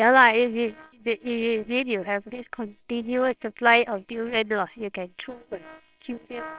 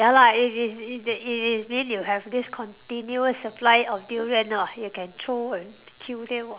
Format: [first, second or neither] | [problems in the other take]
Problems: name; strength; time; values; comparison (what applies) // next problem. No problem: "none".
second | noise reduction (neural separator model SepFormer WHAMR!)